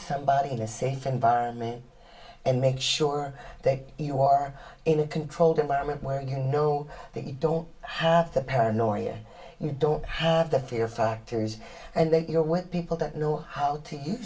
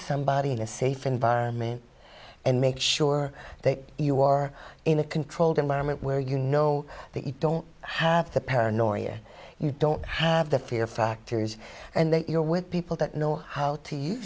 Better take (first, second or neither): second